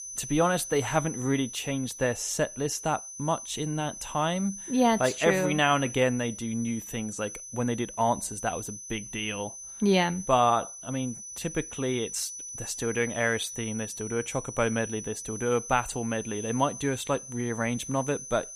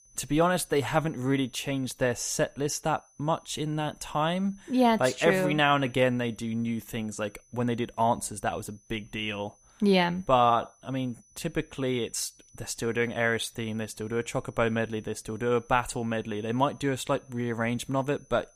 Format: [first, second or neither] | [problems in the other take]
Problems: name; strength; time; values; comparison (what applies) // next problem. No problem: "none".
second | high-pitched whine; loud; throughout; 6 kHz, 10 dB below the speech; faint in the second